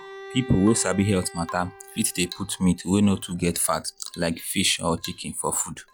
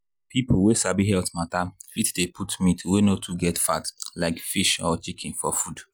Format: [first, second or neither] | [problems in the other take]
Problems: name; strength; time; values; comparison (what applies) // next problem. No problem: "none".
second | background sound (Drip / Water tap, faucet / Rain + Bowed string instrument); 17 dB below the speech